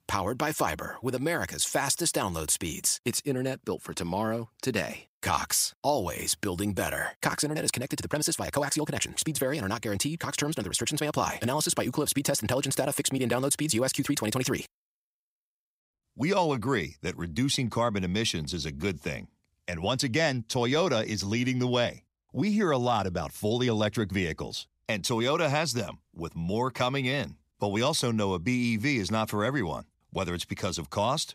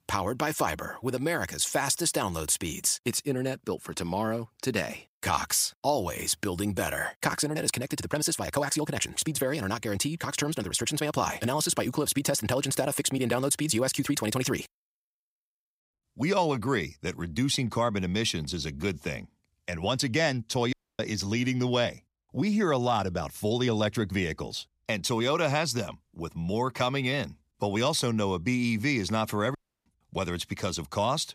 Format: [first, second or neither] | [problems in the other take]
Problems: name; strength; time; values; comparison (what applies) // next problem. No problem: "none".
first | audio cutting out; at 21 s and at 30 s